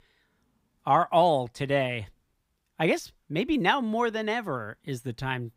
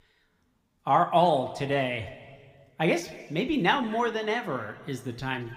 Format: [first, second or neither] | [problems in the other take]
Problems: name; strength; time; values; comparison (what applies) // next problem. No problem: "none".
first | room echo; very slight; dies away in 1.6 s